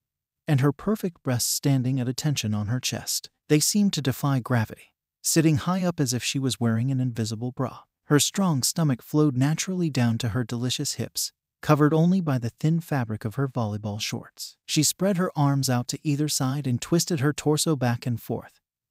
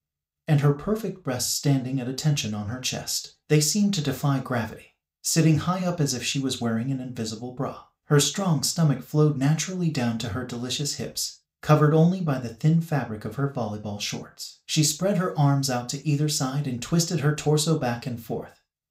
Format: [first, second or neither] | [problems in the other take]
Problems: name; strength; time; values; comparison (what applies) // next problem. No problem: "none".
first | room echo; very slight; dies away in 0.3 s